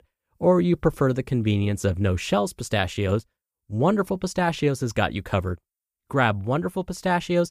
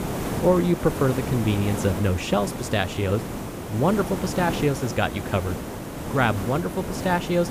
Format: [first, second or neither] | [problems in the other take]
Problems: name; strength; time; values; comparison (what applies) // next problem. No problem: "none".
first | hiss; loud; throughout; 6 dB below the speech